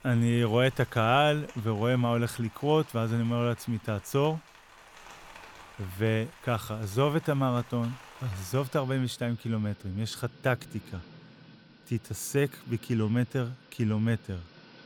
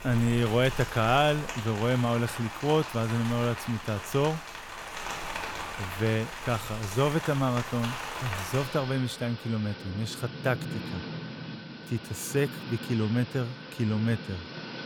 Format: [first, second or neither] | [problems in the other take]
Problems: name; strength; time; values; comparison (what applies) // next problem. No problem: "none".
first | rain or running water; loud; throughout; 9 dB below the speech; faint in the first